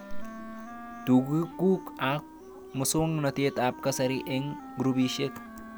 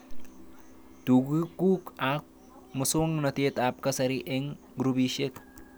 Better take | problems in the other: second | background sound (Wind instrument, woodwind instrument); 14 dB below the speech

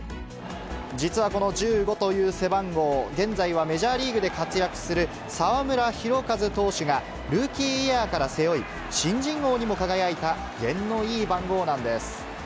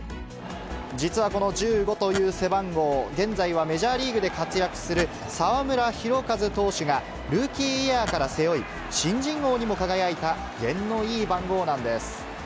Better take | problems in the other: first | background sound (Glass); 10 dB below the speech

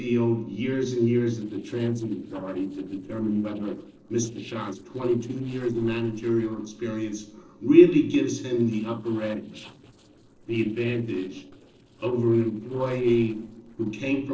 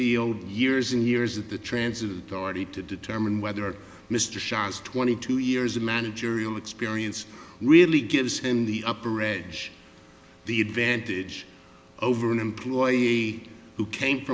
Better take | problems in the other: second | noise reduction (neural separator model SepFormer DNS4)

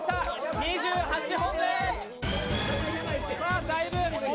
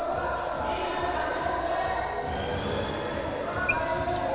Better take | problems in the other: first | background sound (Sink (filling or washing) / Water); 14 dB below the speech // room echo; dies away in 2.2 s

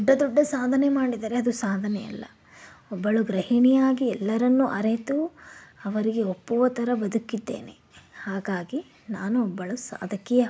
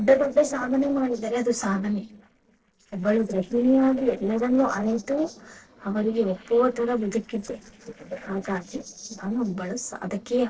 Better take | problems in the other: first | noise reduction (neural separator model SepFormer DNS4)

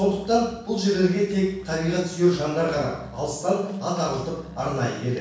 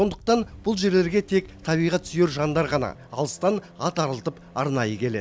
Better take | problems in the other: second | background sound (Musical instrument); 20 dB below the speech // room echo; dies away in 0.7 s

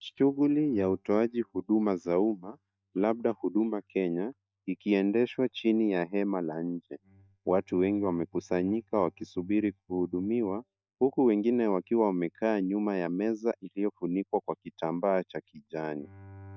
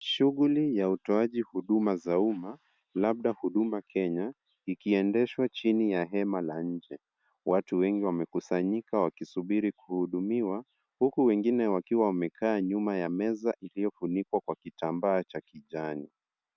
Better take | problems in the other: second | noise reduction (neural mask model DeepFilterNet 3)

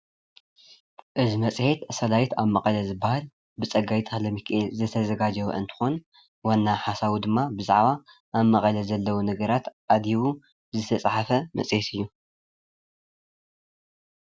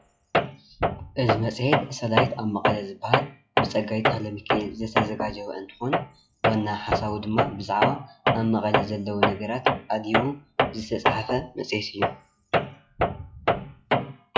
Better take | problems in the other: first | noise reduction (classical method WPE with log-MMSE)

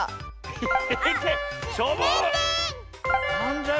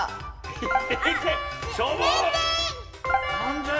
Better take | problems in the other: first | room echo; dies away in 0.9 s

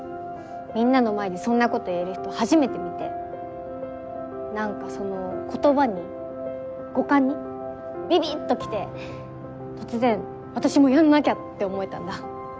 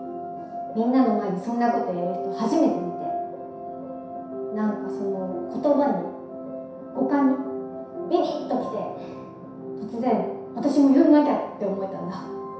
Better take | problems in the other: first | room echo; dies away in 0.7 s

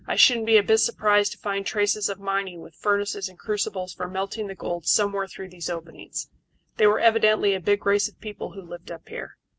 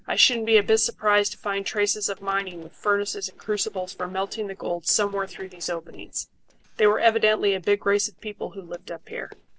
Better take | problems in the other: first | noise reduction (neural separator model SepFormer DNS4)

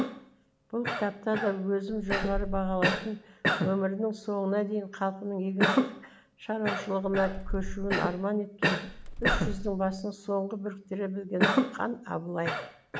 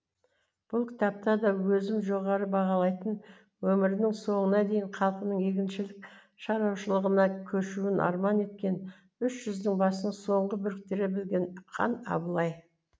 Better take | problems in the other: second | background sound (Bird + Cough); 1 dB below the speech

